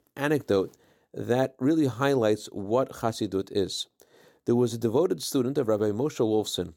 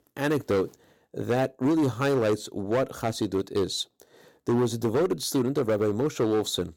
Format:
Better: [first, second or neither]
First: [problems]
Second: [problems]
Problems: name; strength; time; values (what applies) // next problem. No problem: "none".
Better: first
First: none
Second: distortion; slight; 10% of the sound clipped